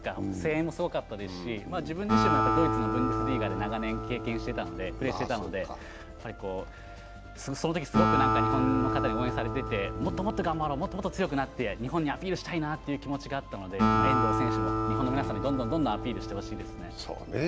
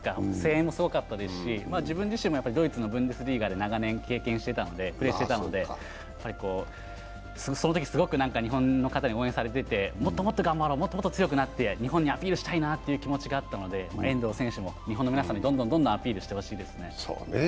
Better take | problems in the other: second | background sound (Acoustic guitar); as loud as the speech

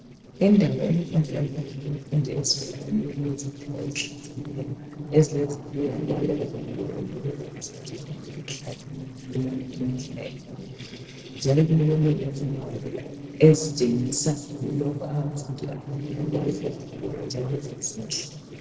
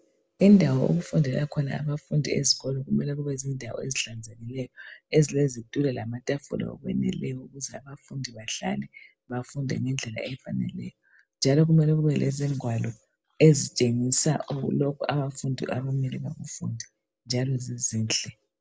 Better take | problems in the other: second | noise reduction (neural separator model SepFormer DNS4)

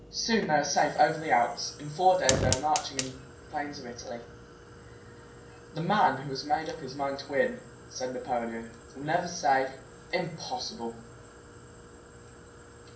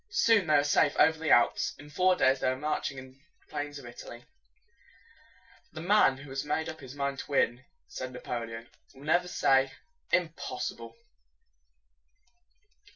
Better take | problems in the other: second | background sound (Fire); 10 dB below the speech // room echo; dies away in 0.6 s

